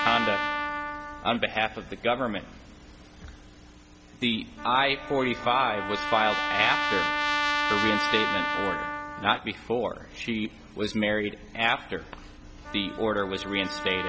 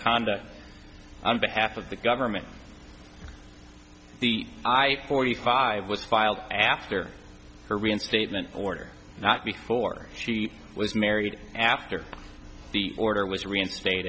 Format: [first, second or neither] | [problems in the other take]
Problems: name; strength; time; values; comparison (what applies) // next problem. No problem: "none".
second | background sound (Trumpet); 3 dB below the speech